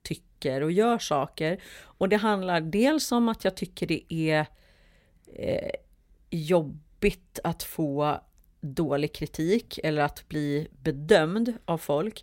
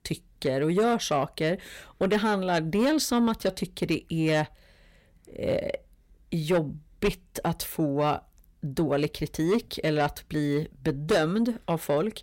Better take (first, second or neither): first